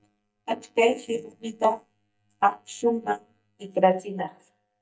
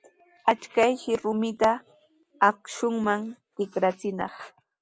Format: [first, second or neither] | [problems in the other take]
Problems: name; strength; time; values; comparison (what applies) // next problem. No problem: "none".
second | noise reduction (neural mask model DeepFilterNet 3)